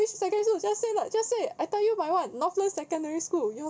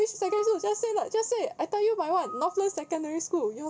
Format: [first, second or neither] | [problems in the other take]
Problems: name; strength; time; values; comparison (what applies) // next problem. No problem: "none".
first | background sound (Screech / Glass); 18 dB below the speech